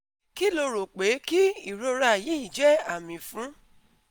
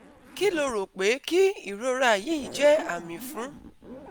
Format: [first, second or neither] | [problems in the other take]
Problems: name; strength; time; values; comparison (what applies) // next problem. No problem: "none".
first | background sound (Zipper (clothing)); 18 dB below the speech